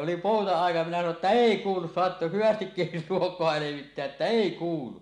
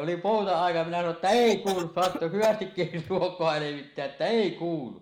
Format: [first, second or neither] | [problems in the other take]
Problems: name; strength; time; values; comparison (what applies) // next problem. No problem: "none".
first | noise reduction (neural mask model Resemble Enhance denoiser)